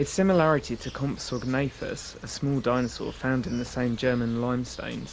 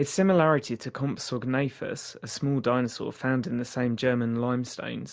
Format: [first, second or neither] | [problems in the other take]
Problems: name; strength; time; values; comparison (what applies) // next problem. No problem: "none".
second | background sound (Insect + Bird); 17 dB below the speech